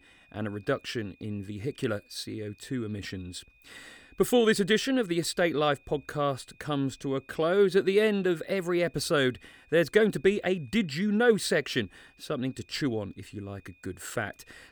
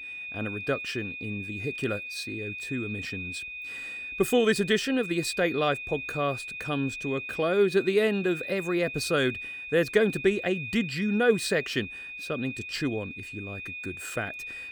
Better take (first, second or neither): first